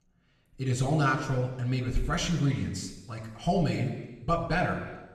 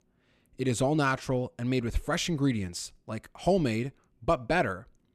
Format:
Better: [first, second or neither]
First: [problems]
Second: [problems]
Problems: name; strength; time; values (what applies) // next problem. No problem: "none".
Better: second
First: room echo; slight; dies away in 1.1 s // off-mic speech; somewhat distant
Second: none